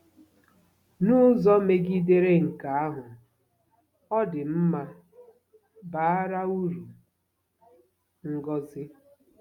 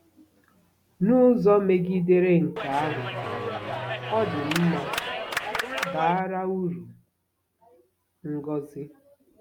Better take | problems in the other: first | background sound (Clapping); 5 dB below the speech

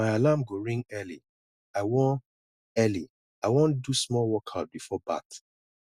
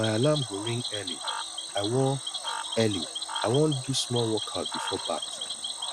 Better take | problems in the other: first | background sound (Cricket / Frog); 5 dB below the speech

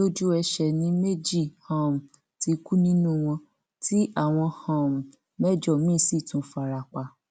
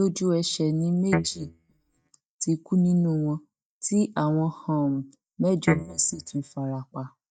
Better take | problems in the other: first | noise reduction (neural mask model DeepFilterNet 3)

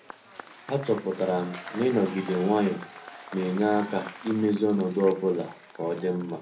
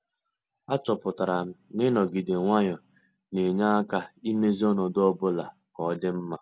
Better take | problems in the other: second | background sound (Applause / Crowd / Cheering); 16 dB below the speech // room echo; dies away in 0.3 s

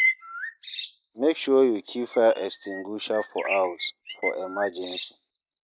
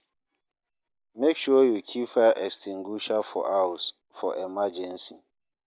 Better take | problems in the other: second | noise reduction (neural mask model RNNoise)

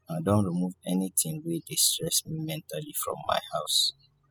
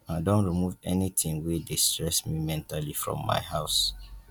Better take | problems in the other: second | noise reduction (classical method spectral subtraction)

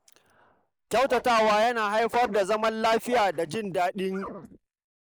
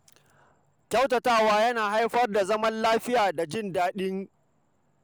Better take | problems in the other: second | noise reduction (neural mask model Resemble Enhance denoiser)

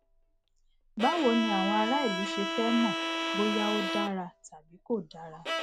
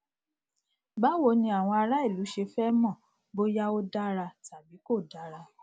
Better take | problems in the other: second | background sound (Bowed string instrument); 2 dB below the speech

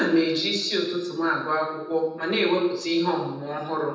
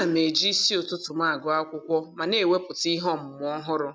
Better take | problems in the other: second | room echo; dies away in 0.9 s

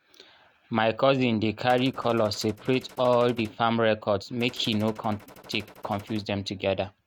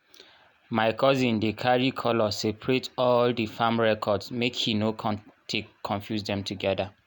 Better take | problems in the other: second | noise reduction (neural mask model RNNoise)

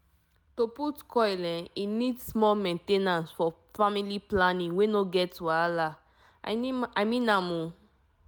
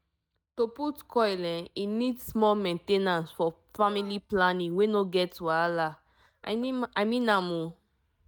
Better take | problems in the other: first | noise reduction (neural mask model DeepFilterNet 3)

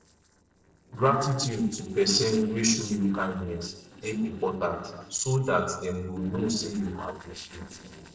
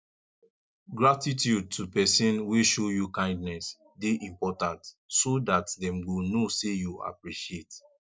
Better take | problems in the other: second | noise reduction (neural separator model SepFormer DNS4)

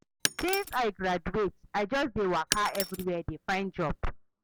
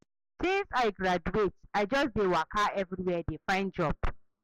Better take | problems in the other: second | background sound (Shatter); 7 dB below the speech

